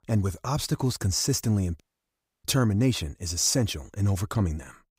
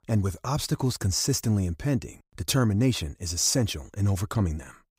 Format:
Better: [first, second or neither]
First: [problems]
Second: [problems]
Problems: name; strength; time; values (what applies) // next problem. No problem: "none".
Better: second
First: audio cutting out; at 2 s for 0.5 s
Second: none